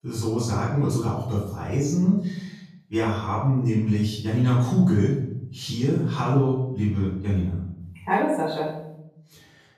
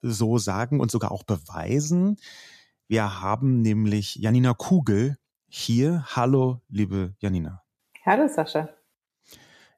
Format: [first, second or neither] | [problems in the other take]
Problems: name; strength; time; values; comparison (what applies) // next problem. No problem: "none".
second | off-mic speech; far // room echo; noticeable; dies away in 0.8 s